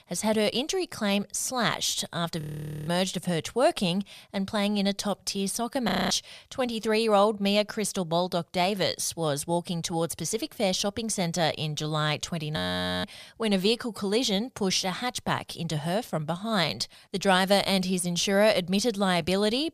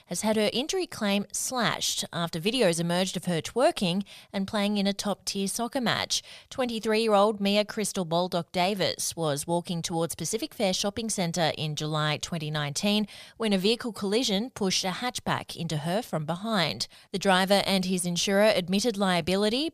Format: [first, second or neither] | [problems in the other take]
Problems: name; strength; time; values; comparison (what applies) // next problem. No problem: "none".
second | audio freezing; at 2.5 s, at 6 s and at 13 s